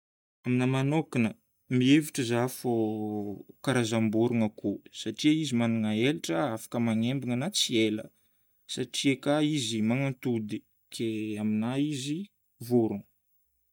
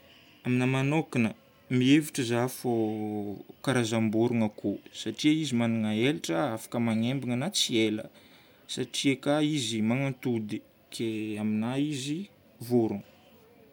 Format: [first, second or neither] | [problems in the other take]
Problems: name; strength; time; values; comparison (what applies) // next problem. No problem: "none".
second | noise reduction (neural mask model DeepFilterNet 3)